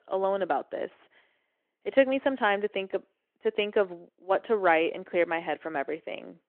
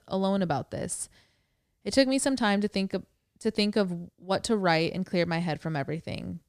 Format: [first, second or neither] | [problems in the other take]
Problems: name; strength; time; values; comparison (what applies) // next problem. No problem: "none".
second | phone-call audio